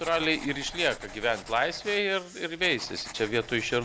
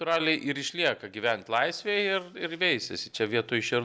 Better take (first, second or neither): second